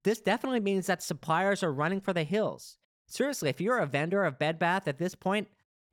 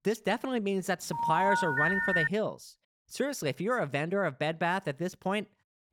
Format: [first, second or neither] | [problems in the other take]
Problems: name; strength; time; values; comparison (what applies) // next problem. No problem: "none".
first | phone ringing; loud; from 1 to 2.5 s; peak 4 dB above the speech